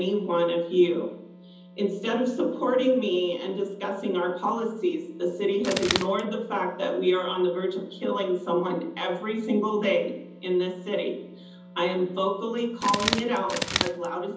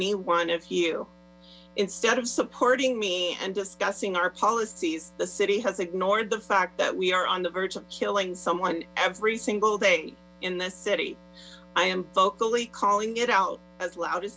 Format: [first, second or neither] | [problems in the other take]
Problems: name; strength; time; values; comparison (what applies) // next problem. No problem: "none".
second | background sound (Bird); 3 dB below the speech // room echo; dies away in 0.8 s